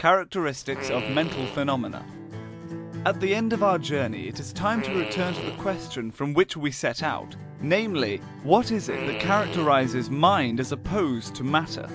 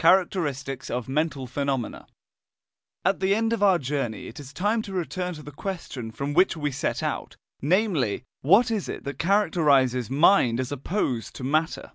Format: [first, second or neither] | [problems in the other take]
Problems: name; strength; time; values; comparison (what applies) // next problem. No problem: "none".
second | background sound (Fart + Acoustic guitar); 10 dB below the speech